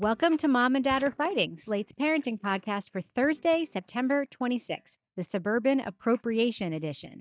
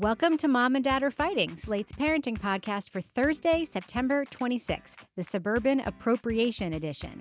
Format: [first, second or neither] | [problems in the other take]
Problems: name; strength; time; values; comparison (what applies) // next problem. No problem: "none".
second | noise reduction (neural mask model DeepFilterNet 3)